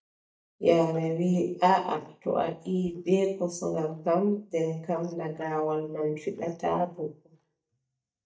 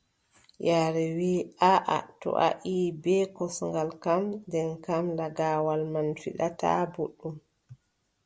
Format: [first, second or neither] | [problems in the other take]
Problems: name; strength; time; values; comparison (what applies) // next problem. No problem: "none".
second | noise reduction (neural mask model DeepFilterNet 3)